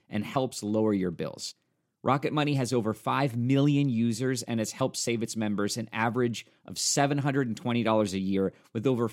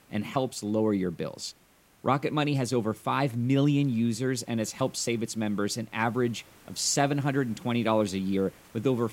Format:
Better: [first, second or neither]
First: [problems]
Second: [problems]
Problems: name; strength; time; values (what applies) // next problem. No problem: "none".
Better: first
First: none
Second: hiss; faint; throughout; 30 dB below the speech